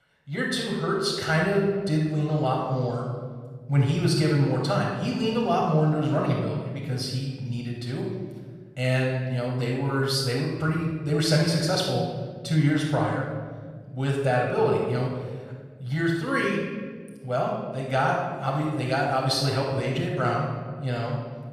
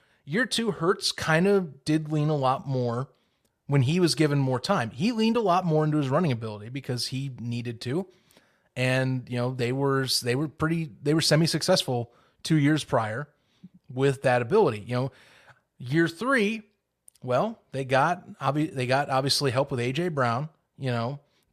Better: second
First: off-mic speech; far // room echo; noticeable; dies away in 1.5 s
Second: none

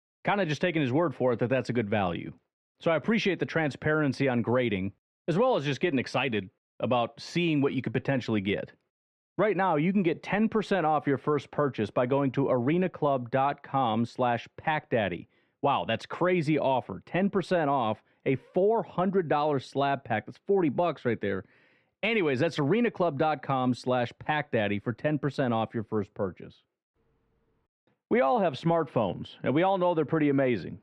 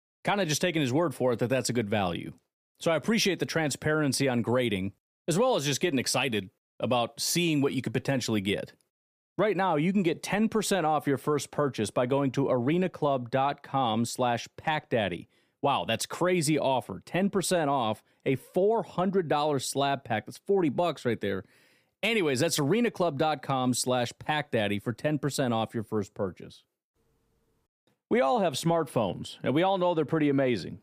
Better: second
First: muffled; slightly; fading above 2.5 kHz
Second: none

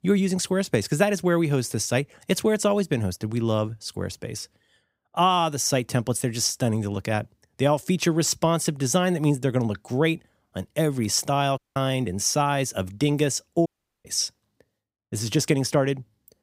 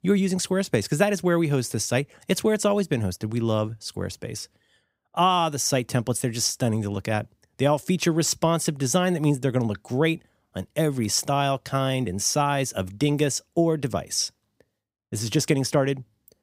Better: second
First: audio cutting out; at 12 s and at 14 s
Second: none

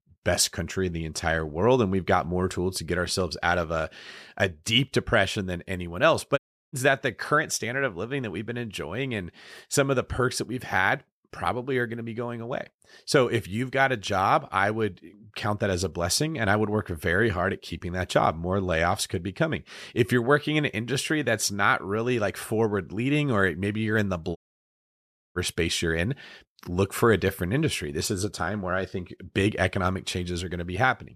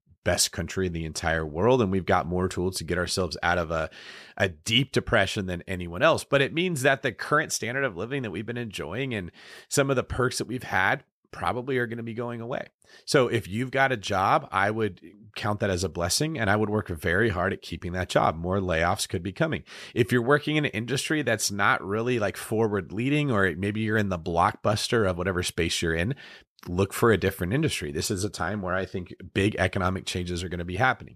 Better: second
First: audio cutting out; at 6.5 s and at 24 s for 1 s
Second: none

